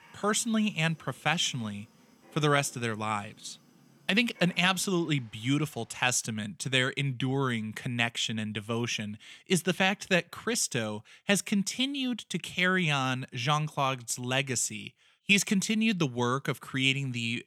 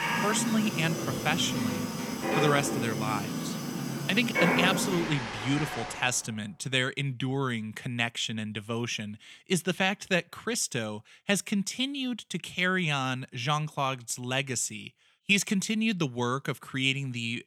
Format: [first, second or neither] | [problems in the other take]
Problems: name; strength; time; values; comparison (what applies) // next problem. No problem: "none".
first | animal sounds; loud; until 6 s; 2 dB below the speech; faint in the first